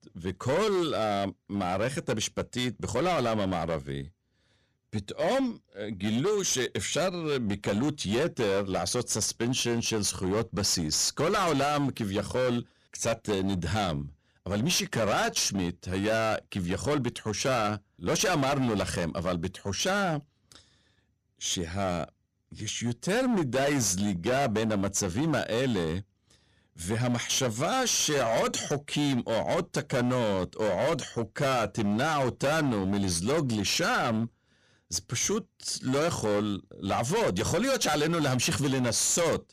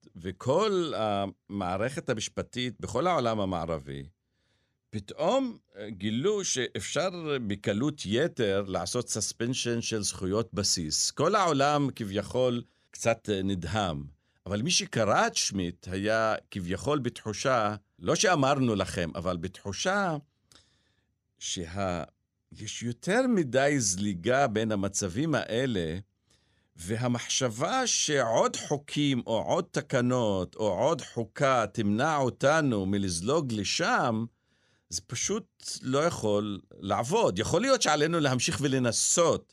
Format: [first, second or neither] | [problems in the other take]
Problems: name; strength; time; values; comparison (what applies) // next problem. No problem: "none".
second | distortion; heavy; 19% of the sound clipped